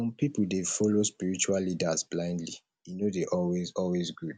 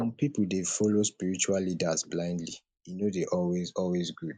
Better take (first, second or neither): first